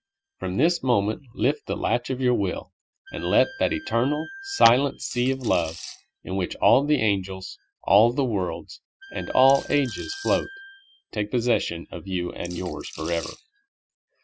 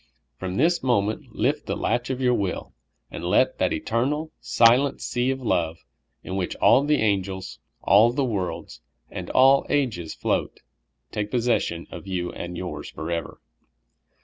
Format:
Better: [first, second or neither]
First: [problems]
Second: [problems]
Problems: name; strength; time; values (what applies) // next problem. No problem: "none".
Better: second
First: noise reduction (classical method Wiener filter)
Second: none